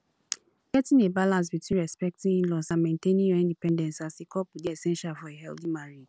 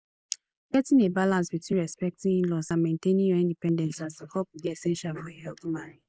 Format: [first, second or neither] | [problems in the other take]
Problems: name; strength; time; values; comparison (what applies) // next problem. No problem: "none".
first | noise reduction (neural mask model Resemble Enhance denoiser)